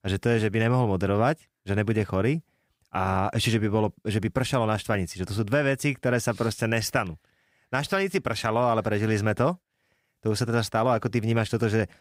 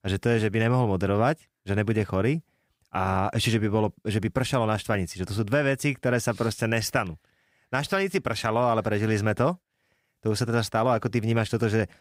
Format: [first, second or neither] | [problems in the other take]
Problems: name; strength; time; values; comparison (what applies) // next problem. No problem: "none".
neither | none